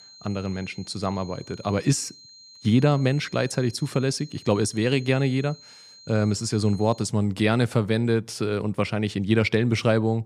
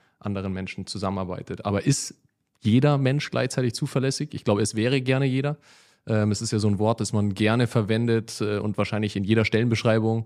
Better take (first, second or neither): second